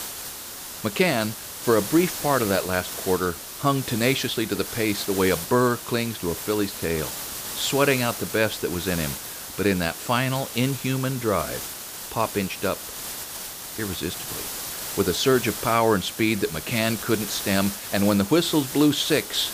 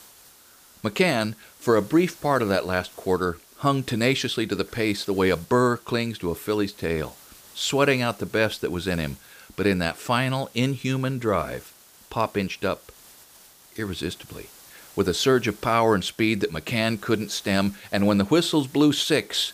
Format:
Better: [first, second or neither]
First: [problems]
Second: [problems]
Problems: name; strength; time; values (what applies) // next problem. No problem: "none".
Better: second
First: hiss; loud; throughout; 7 dB below the speech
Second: hiss; faint; throughout; 25 dB below the speech